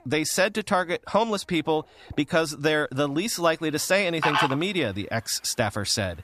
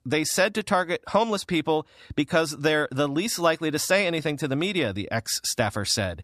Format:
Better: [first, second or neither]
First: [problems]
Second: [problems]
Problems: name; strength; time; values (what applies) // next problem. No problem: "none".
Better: second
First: animal sounds; very faint; throughout; 1 dB below the speech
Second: none